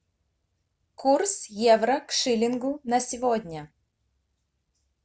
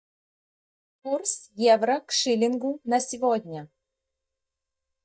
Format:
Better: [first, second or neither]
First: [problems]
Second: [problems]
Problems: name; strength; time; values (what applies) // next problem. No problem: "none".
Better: first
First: none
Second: noise reduction (neural mask model DeepFilterNet 3)